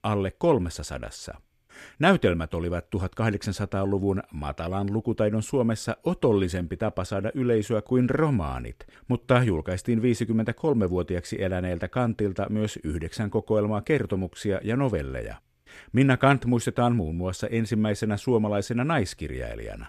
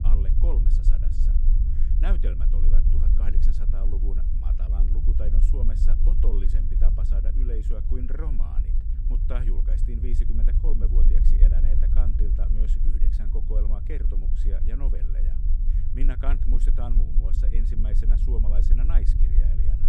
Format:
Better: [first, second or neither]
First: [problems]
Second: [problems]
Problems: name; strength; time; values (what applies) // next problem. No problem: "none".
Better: first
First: none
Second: low rumble; loud; throughout; 3 dB below the speech